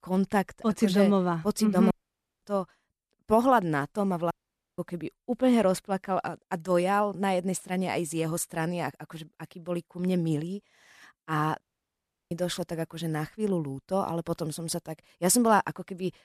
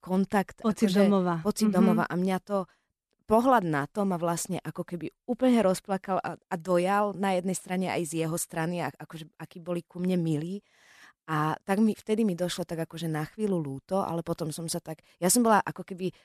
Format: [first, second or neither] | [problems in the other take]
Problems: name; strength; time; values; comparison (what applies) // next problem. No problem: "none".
second | audio cutting out; at 2 s for 0.5 s, at 4.5 s and at 12 s for 0.5 s